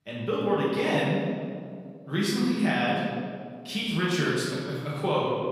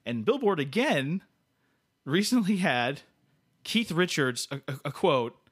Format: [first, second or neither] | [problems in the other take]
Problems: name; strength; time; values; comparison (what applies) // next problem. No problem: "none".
second | room echo; strong; dies away in 1.9 s // off-mic speech; far